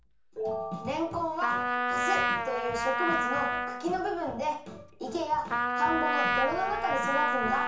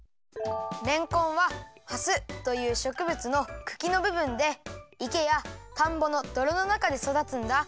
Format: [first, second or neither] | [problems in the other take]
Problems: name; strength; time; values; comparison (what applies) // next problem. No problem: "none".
second | background sound (Trumpet); 1 dB above the speech // room echo; dies away in 0.7 s